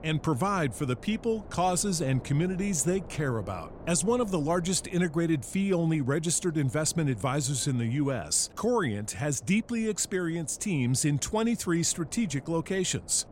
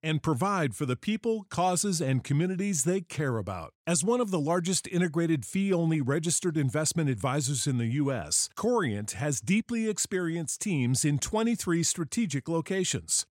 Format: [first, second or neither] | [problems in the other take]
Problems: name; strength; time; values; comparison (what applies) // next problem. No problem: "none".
second | wind noise on the microphone; occasional gusts; 20 dB below the speech